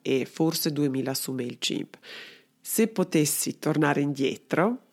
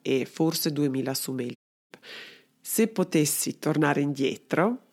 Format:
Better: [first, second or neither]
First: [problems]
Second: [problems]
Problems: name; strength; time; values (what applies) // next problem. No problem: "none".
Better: first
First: none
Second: audio cutting out; at 1.5 s